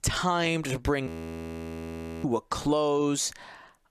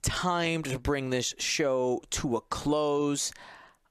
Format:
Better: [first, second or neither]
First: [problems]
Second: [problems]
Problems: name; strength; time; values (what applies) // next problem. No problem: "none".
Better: second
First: audio freezing; at 1 s for 1 s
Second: none